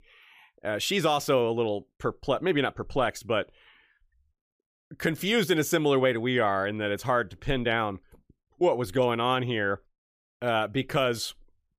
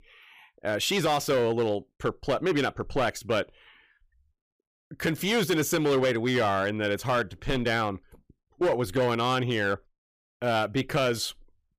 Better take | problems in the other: first | distortion; slight; 7% of the sound clipped

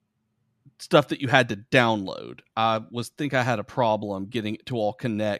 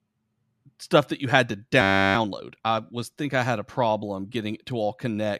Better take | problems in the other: first | audio freezing; at 2 s

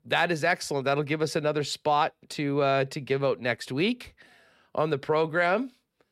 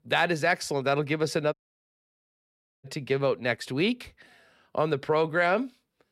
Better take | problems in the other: first | audio cutting out; at 1.5 s for 1.5 s

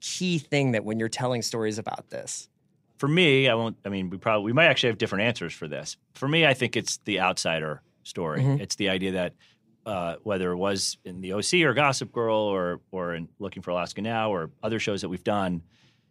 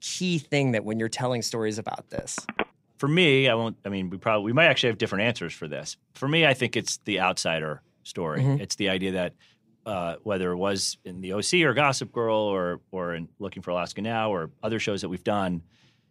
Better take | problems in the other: first | phone ringing; noticeable; at 2 s; peak 6 dB below the speech

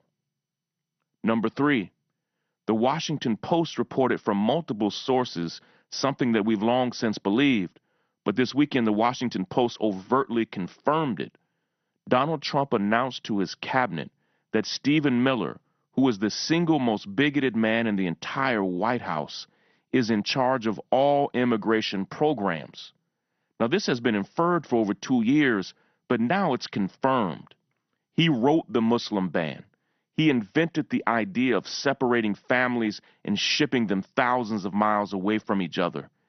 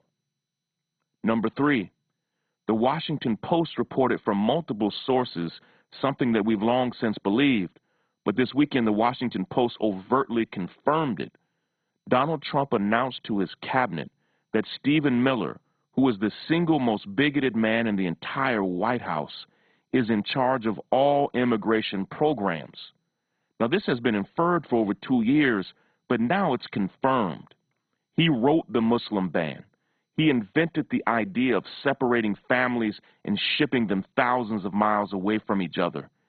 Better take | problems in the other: first | garbled, watery; badly; nothing above 4 kHz; slightly in the first

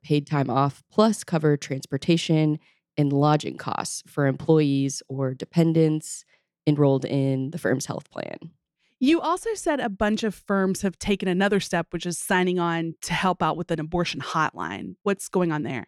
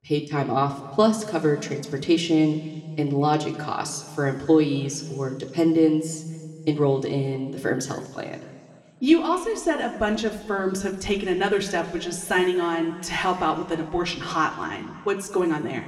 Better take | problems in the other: first | room echo; slight; dies away in 1.9 s

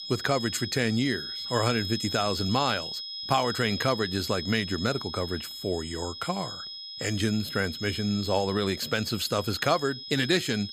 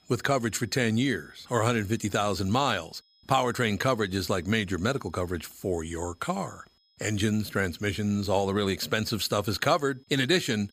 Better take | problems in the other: second | high-pitched whine; loud; throughout; 5 kHz, 7 dB below the speech; faint in the second

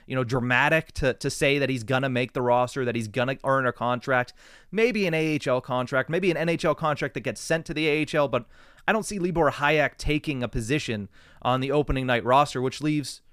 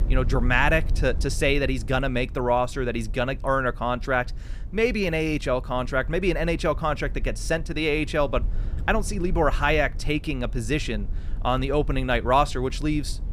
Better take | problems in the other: first | low rumble; faint; throughout; 25 dB below the speech

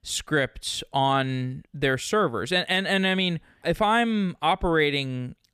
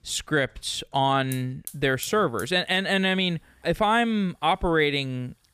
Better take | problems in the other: first | hiss; noticeable; throughout; 15 dB below the speech

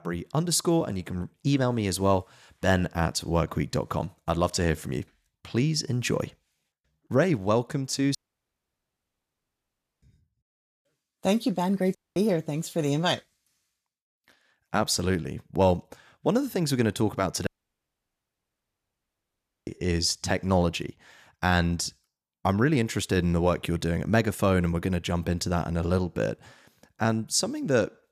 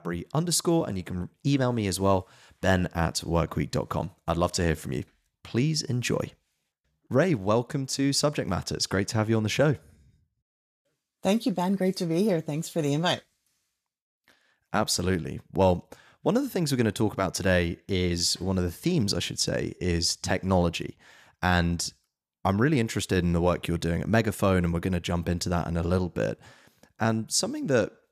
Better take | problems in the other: second | audio cutting out; at 8 s for 2 s, at 12 s and at 17 s for 2 s

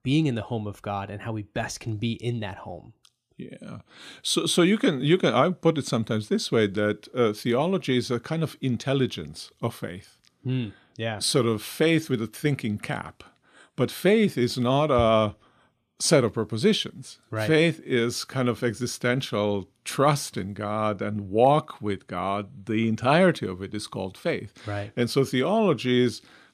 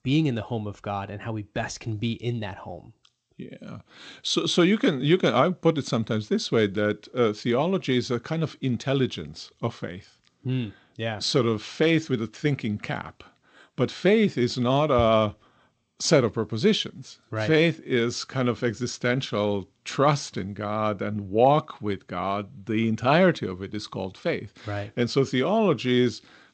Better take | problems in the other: first | garbled, watery; slightly; nothing above 8 kHz

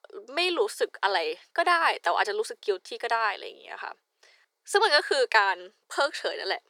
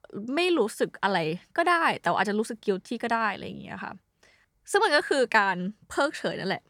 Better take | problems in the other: second | thin; very; fading below 400 Hz

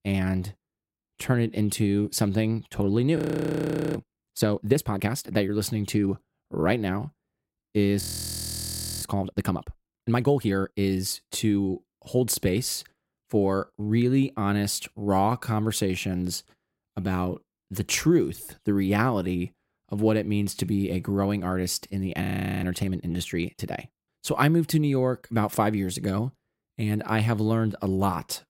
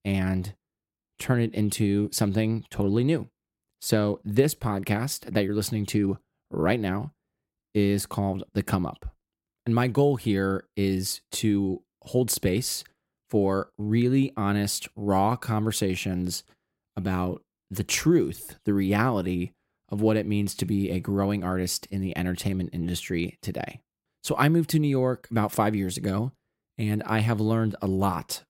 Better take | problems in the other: second | audio freezing; at 3 s for 1 s, at 8 s for 1 s and at 22 s

